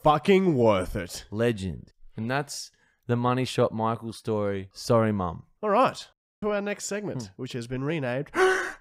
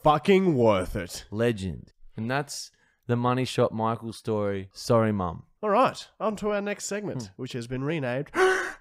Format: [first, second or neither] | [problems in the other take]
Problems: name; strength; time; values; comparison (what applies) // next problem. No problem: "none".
second | audio cutting out; at 6 s